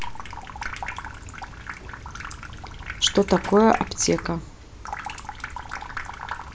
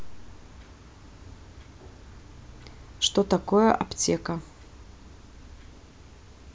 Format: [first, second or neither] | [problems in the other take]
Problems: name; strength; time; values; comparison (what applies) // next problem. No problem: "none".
second | background sound (Sink (filling or washing) / Water tap, faucet); 9 dB below the speech